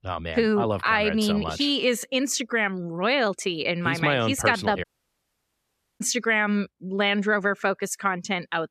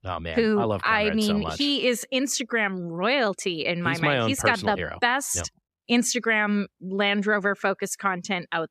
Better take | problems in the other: second | audio cutting out; at 5 s for 1 s

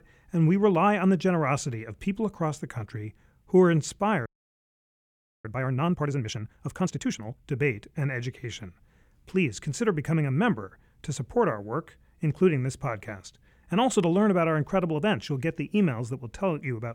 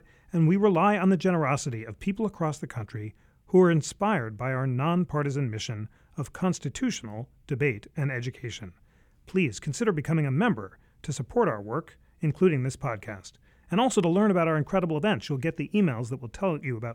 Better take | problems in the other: second | audio freezing; at 4.5 s for 1 s

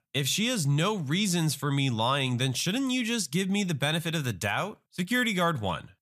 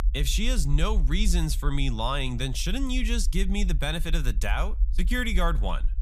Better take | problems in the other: first | low rumble; faint; throughout; 20 dB below the speech

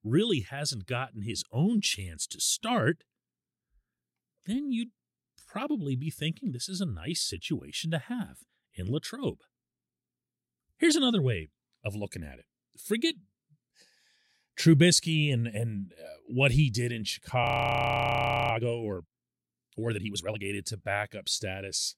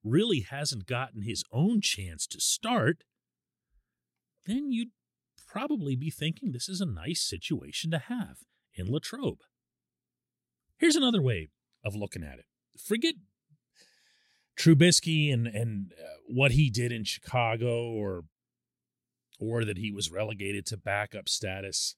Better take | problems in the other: second | audio freezing; at 17 s for 1 s

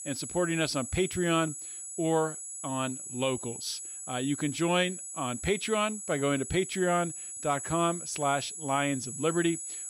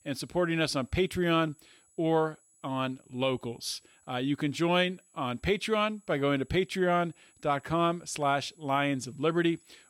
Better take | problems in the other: second | high-pitched whine; loud; throughout; 8 kHz, 7 dB below the speech; faint in the second

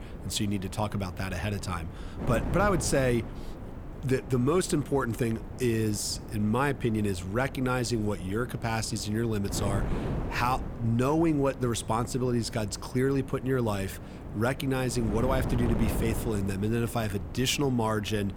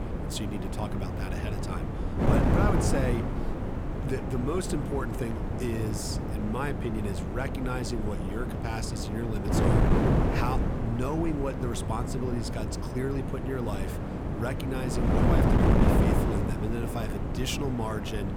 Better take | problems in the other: first | wind noise on the microphone; heavy; 1 dB above the speech; occasional gusts in the first

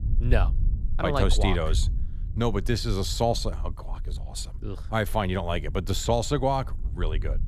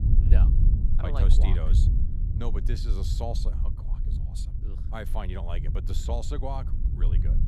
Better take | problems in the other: first | low rumble; loud; throughout; 5 dB below the speech; faint in the first

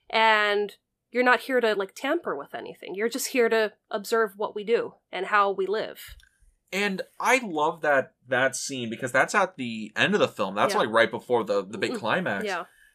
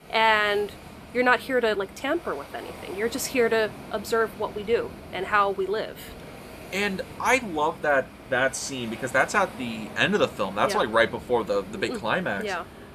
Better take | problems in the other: first | rain or running water; noticeable; throughout; 15 dB below the speech

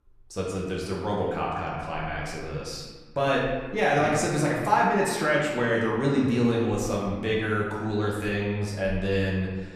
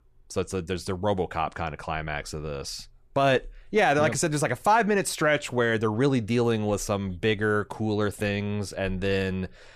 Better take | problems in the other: second | room echo; noticeable; dies away in 1.2 s // off-mic speech; far

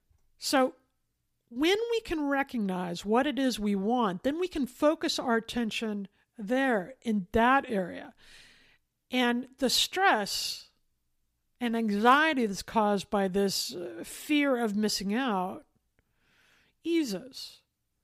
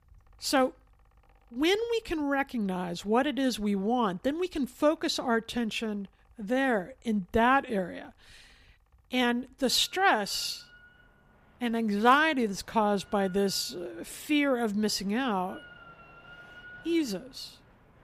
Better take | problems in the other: first | machinery noise; faint; throughout; 30 dB below the speech

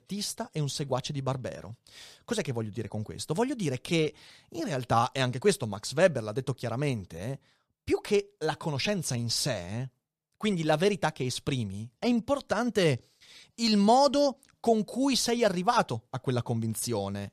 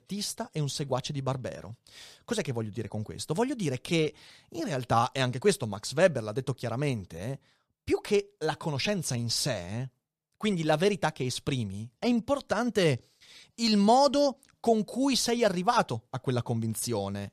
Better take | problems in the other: neither | none

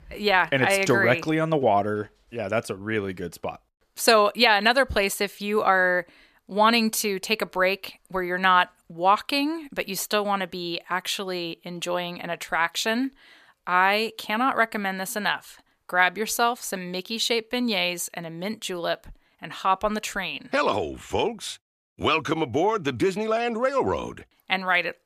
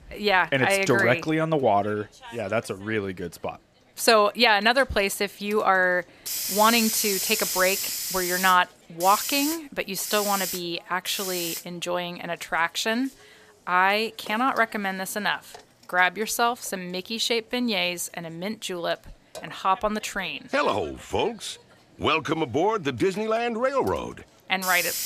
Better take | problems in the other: first | hiss; loud; throughout; 5 dB below the speech

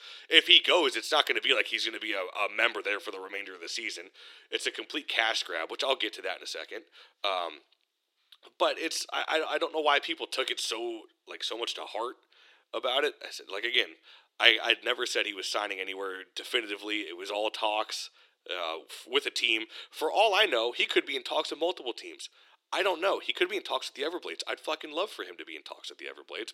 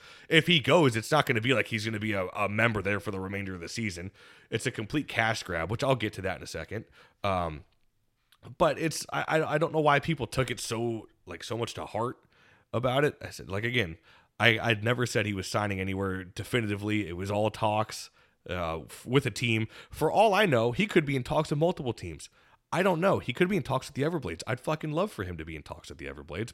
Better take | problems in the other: second | thin; very; fading below 350 Hz

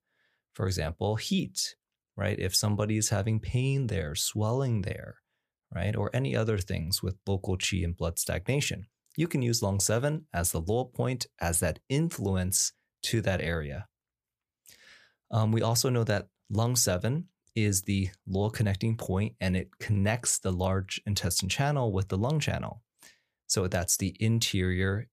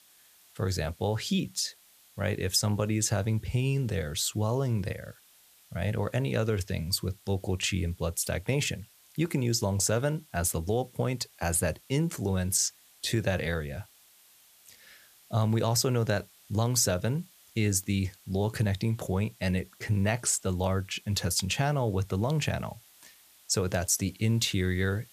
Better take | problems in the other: first | hiss; faint; throughout; 25 dB below the speech

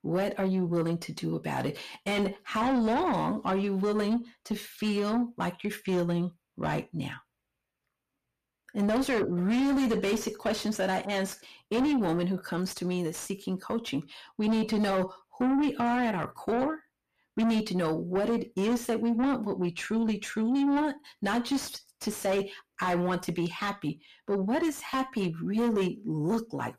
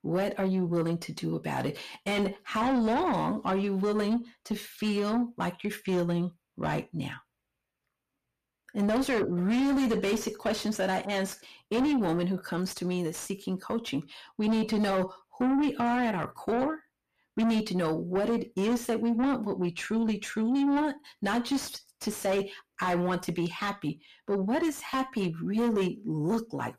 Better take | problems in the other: neither | distortion; heavy; 8 dB below the speech; the same in both

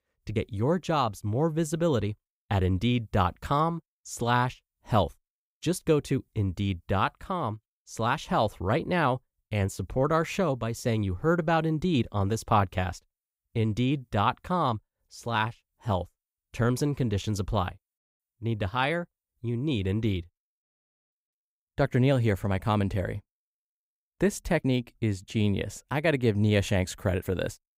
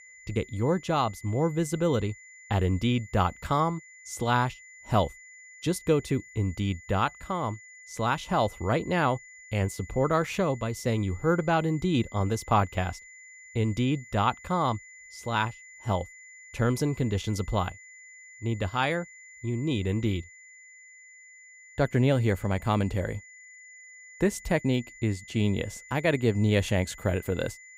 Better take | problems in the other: first | high-pitched whine; noticeable; throughout; 2 kHz, 20 dB below the speech

